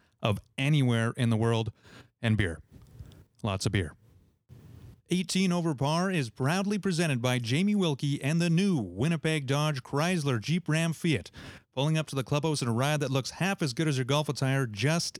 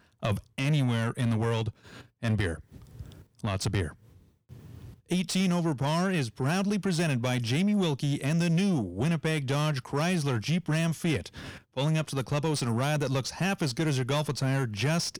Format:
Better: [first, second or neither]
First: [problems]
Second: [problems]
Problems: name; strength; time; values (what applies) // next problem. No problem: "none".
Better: first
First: none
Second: distortion; slight; 10 dB below the speech